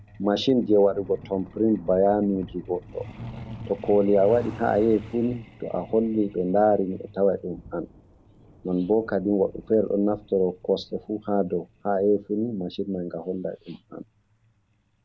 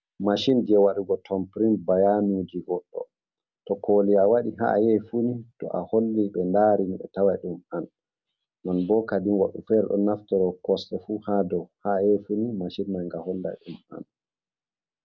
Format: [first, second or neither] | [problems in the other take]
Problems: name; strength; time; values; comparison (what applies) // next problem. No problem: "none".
second | background sound (Thunder / Rain + Truck); 19 dB below the speech